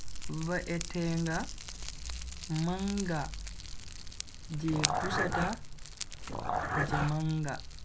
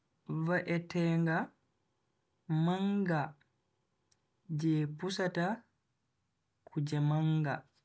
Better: second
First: background sound (Dog + Fire); 1 dB below the speech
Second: none

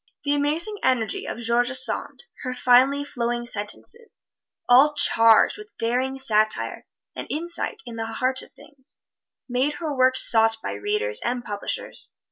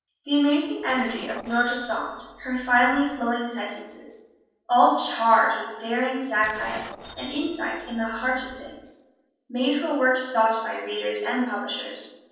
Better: first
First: none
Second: noise reduction (neural separator model SepFormer DNS4)

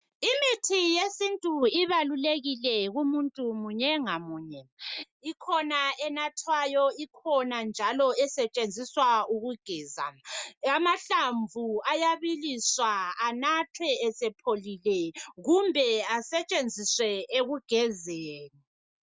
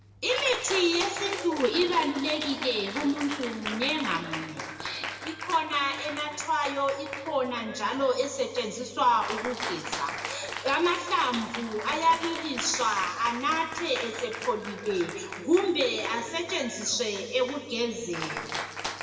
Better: first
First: none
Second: background sound (Cheering); 9 dB below the speech // room echo; dies away in 1.6 s

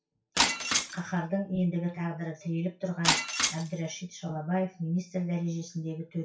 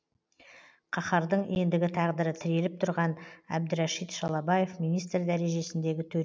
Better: second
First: noise reduction (classical method WPE with log-MMSE)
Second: none

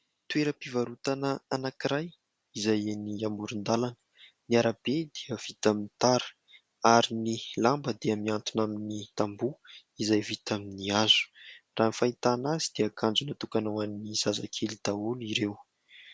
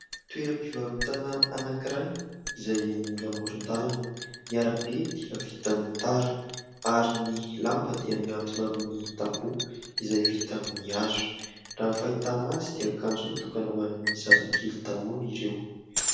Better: first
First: none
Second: background sound (Liquid); 4 dB below the speech // room echo; dies away in 1.1 s

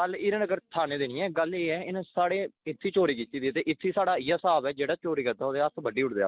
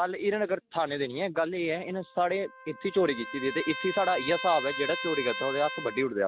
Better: first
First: none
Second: background sound (Trumpet); 10 dB below the speech

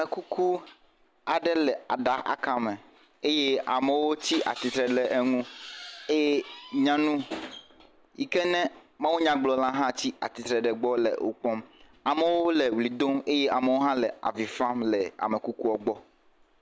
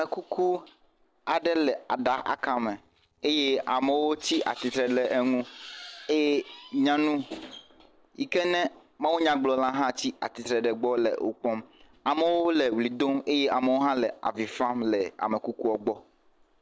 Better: first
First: none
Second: noise reduction (neural separator model SepFormer DNS4)

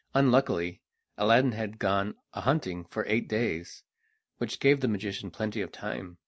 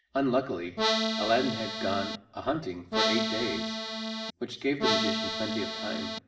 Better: first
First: none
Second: background sound (Accordion); 2 dB above the speech // room echo; dies away in 1.5 s

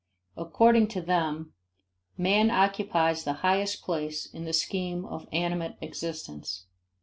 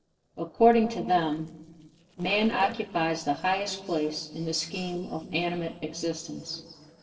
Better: first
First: none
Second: noise reduction (neural separator model SepFormer DNS4)

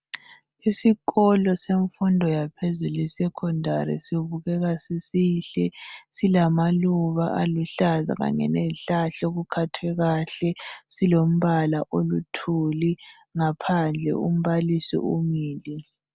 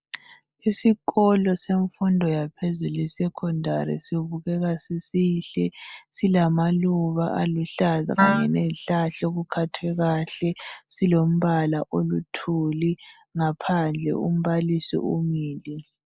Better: first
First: none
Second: noise reduction (neural mask model Resemble Enhance denoiser)

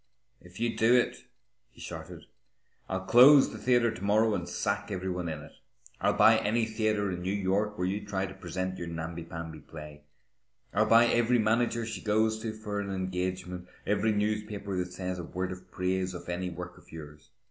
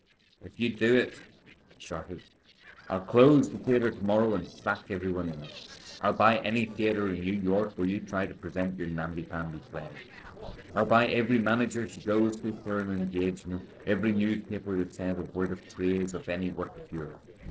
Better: first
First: none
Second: noise reduction (neural separator model SepFormer DNS4)

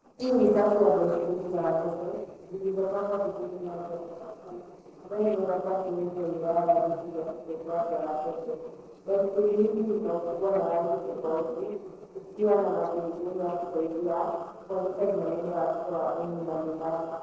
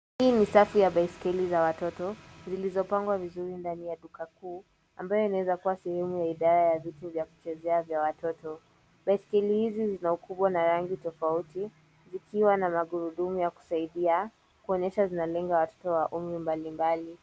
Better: second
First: noise reduction (neural separator model SepFormer DNS4)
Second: none

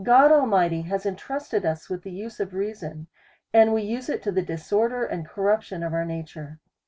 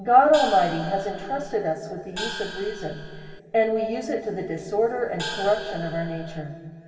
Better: first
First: none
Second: background sound (Gong); 11 dB below the speech // room echo; dies away in 2.7 s

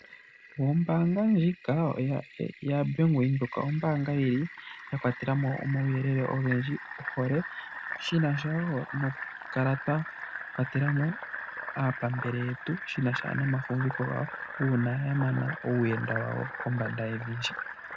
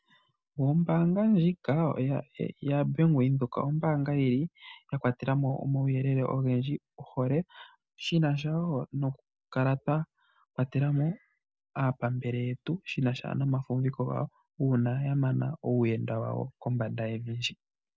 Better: second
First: background sound (Fill (with liquid)); 11 dB below the speech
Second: none

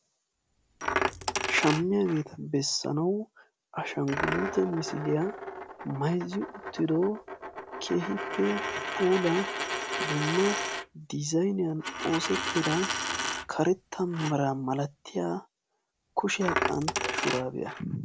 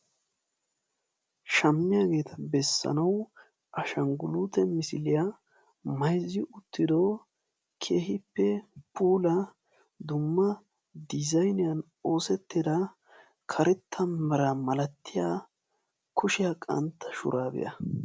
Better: second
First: background sound (Coin (dropping)); 5 dB below the speech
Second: none

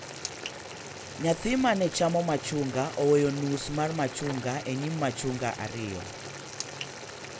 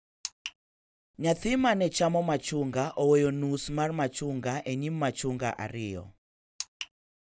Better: second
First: background sound (Boiling); 11 dB below the speech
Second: none

